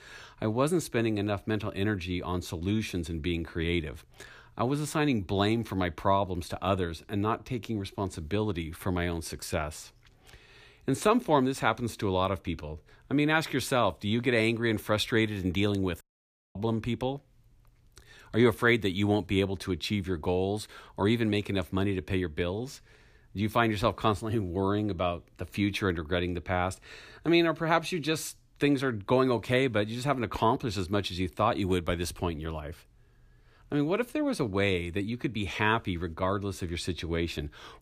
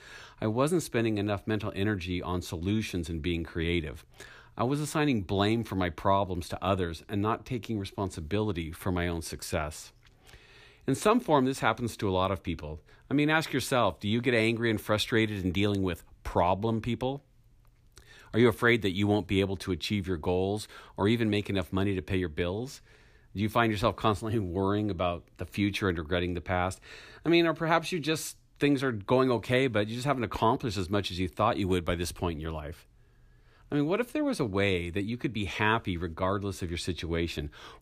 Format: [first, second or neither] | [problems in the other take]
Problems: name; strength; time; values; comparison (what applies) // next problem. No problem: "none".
second | audio cutting out; at 16 s for 0.5 s